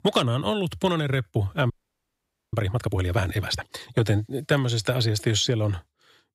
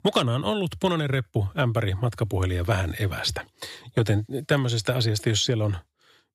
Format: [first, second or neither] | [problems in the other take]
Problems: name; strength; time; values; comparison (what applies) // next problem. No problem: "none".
second | audio freezing; at 1.5 s for 1 s